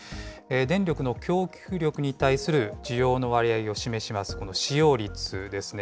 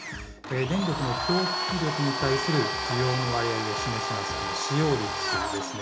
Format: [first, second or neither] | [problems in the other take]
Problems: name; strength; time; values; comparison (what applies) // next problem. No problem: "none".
first | background sound (Domestic sounds, home sounds); 1 dB below the speech // room echo; dies away in 0.4 s